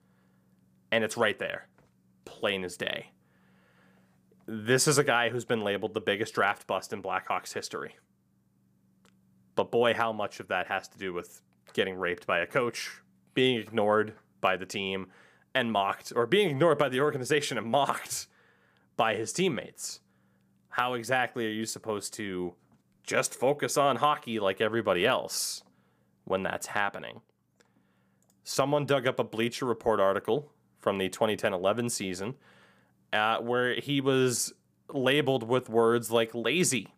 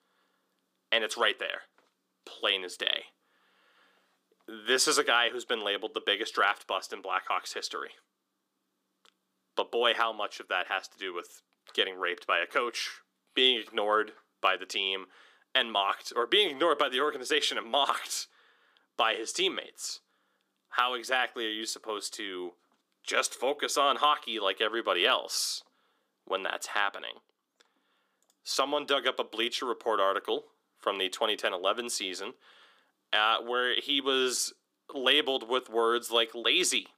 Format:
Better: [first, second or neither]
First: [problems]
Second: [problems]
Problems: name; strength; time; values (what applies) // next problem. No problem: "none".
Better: first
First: none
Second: thin; somewhat; fading below 300 Hz